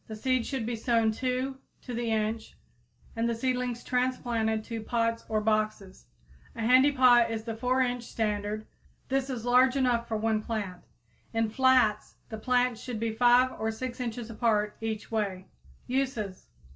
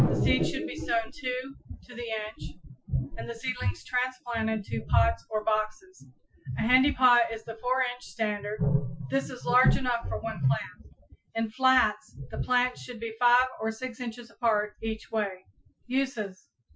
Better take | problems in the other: first | noise reduction (classical method Wiener filter)

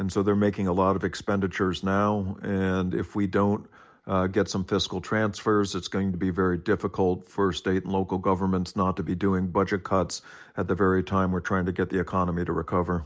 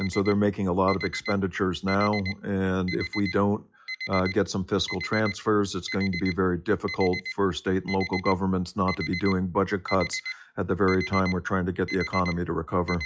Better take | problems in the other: first | noise reduction (classical method log-MMSE)

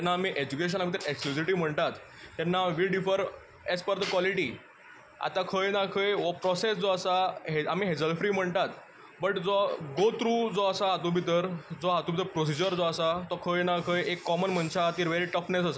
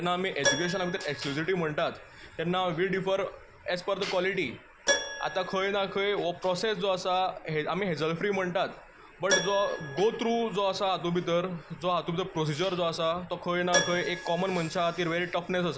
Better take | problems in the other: first | background sound (Keyboard (musical)); 8 dB below the speech

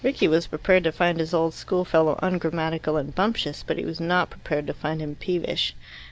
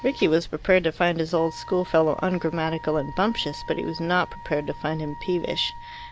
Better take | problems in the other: first | background sound (Wind instrument, woodwind instrument); 17 dB below the speech

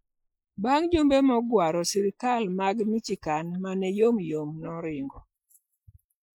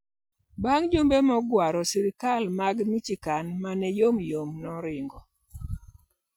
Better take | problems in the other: second | noise reduction (neural mask model Resemble Enhance denoiser)

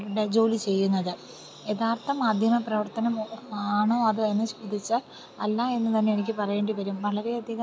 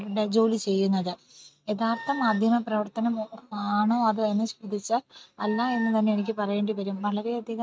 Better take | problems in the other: first | noise reduction (neural mask model RNNoise)

